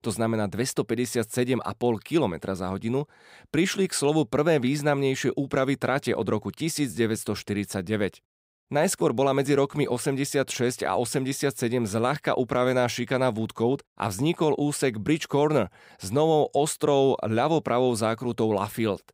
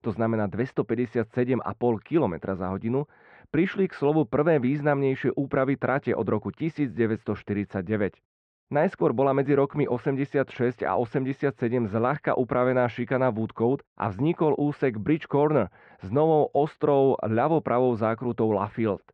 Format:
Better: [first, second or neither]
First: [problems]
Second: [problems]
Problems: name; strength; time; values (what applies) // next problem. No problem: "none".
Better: first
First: none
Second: muffled; very; fading above 2 kHz